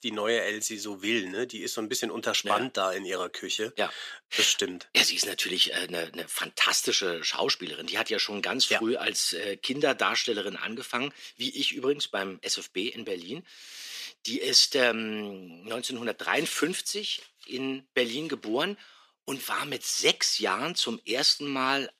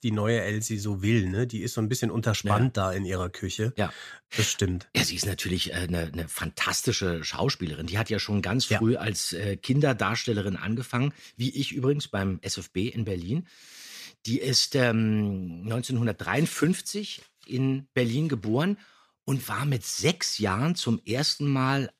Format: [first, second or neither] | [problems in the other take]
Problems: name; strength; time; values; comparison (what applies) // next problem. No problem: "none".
second | thin; somewhat; fading below 300 Hz